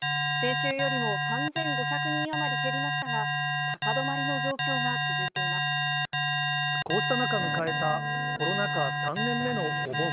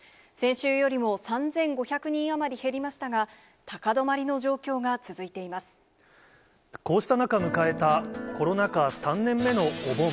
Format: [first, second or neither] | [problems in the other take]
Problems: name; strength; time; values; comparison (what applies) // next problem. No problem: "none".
second | noise reduction (neural mask model RNNoise)